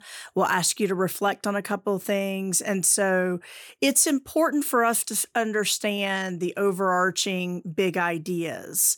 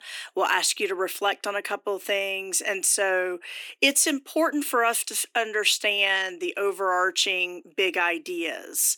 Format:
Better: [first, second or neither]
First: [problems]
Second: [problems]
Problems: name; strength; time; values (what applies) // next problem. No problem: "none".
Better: first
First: none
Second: thin; somewhat; fading below 300 Hz